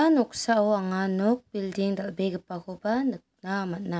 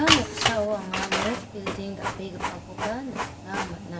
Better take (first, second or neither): first